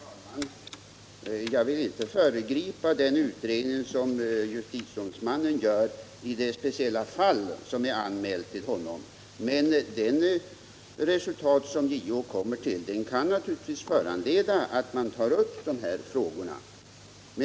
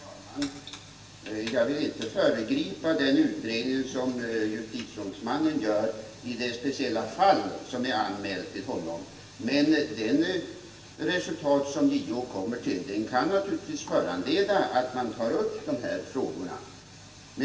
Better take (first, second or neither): first